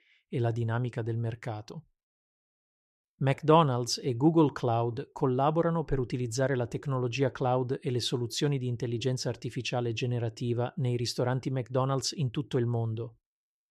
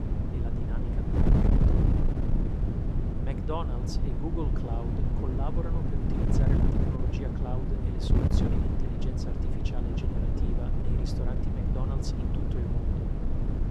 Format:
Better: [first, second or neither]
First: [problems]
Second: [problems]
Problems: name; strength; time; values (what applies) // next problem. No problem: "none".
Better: first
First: none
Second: wind noise on the microphone; heavy; 4 dB above the speech